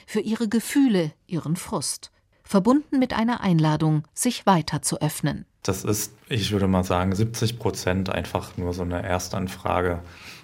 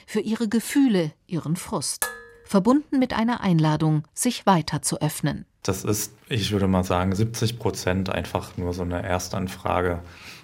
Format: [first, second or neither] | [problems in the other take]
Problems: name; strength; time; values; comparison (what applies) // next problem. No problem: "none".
first | clattering dishes; noticeable; at 2 s; peak 5 dB below the speech